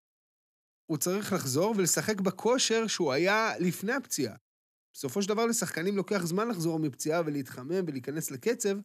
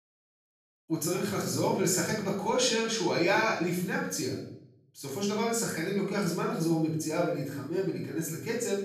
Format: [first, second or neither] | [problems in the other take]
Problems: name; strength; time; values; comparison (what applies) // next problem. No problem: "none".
first | off-mic speech; far // room echo; noticeable; dies away in 0.6 s